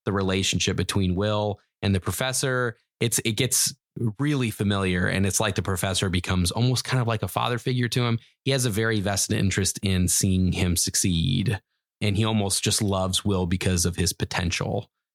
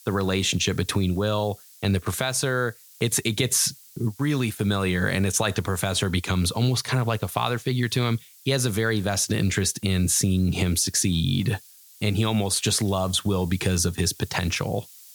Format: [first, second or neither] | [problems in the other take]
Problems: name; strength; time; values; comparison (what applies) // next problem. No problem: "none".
first | hiss; faint; throughout; 25 dB below the speech